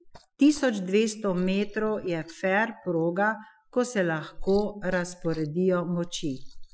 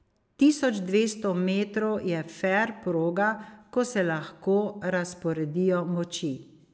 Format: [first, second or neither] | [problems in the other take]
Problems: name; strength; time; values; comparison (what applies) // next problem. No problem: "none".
second | noise reduction (classical method Wiener filter)